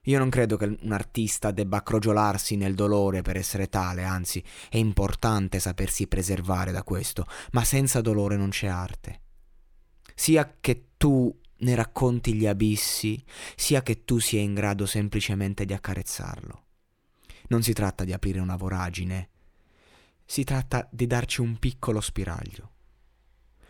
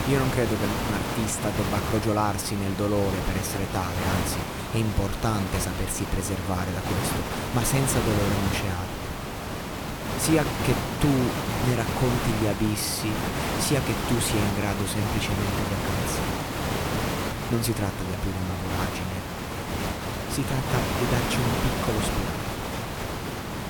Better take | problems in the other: first | hiss; loud; throughout; 1 dB below the speech

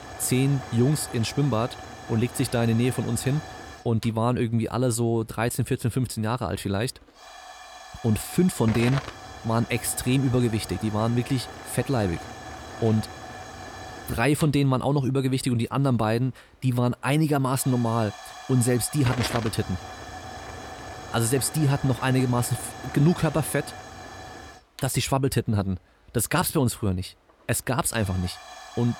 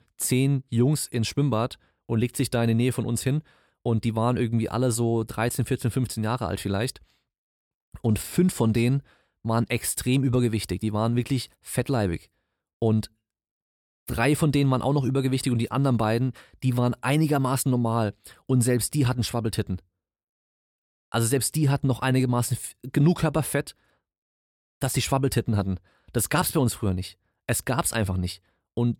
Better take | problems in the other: second | hiss; noticeable; throughout; 15 dB below the speech

